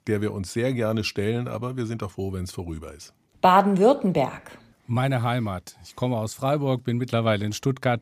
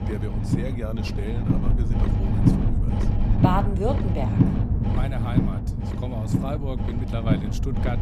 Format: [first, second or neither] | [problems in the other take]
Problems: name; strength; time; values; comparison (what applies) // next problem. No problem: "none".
first | low rumble; loud; throughout; 1 dB below the speech